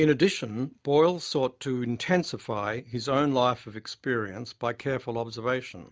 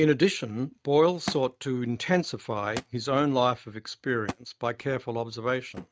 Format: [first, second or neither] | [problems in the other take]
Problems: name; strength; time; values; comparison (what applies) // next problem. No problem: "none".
first | noise reduction (neural mask model RNNoise)